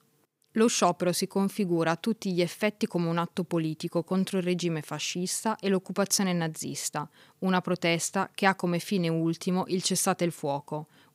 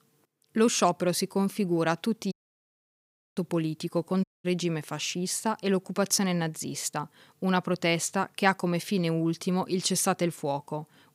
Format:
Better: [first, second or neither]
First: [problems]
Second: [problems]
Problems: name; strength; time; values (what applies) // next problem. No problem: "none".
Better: first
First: none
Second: audio cutting out; at 2.5 s for 1 s and at 4 s